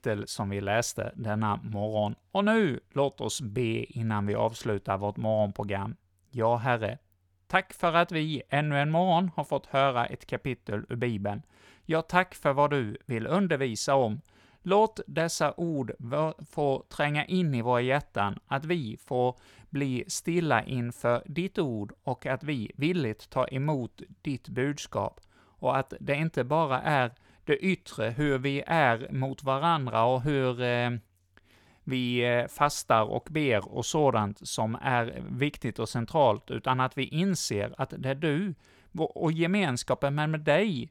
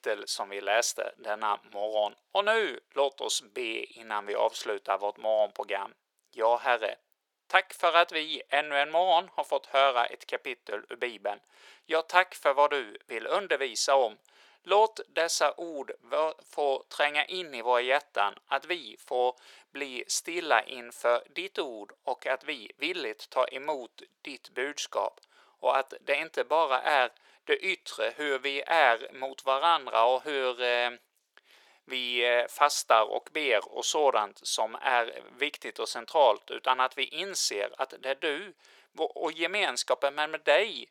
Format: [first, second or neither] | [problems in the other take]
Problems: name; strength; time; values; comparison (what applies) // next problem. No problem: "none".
first | thin; very; fading below 450 Hz